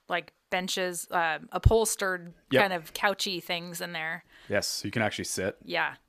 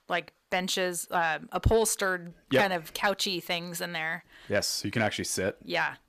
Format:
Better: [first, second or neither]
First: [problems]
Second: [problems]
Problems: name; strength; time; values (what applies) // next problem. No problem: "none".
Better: first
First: none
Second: distortion; slight; 10 dB below the speech